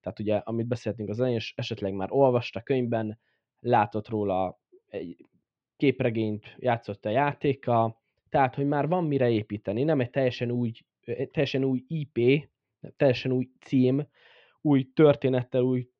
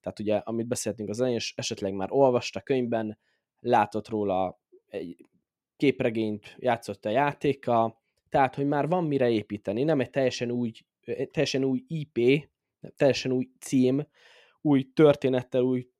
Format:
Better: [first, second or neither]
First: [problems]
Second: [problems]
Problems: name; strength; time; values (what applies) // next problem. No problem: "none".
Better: second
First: muffled; slightly; fading above 4 kHz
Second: none